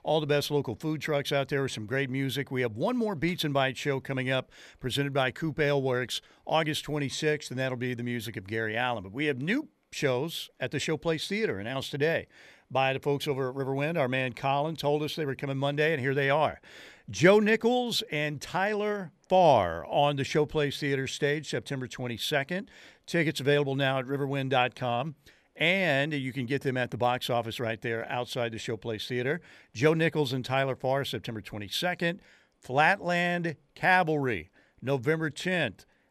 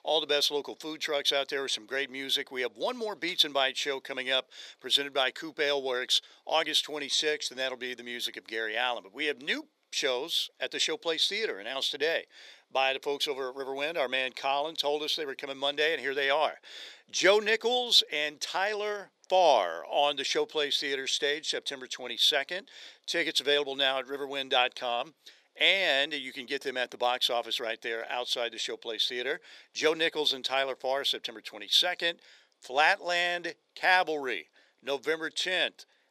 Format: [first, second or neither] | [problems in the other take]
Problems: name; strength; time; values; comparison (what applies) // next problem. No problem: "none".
first | thin; somewhat; fading below 400 Hz